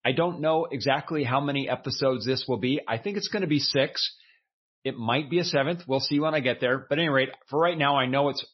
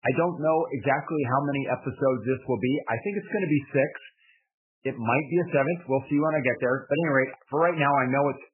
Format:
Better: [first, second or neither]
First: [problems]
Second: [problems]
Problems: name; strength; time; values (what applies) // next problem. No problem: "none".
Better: first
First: garbled, watery; slightly; nothing above 5.5 kHz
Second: garbled, watery; badly; nothing above 3 kHz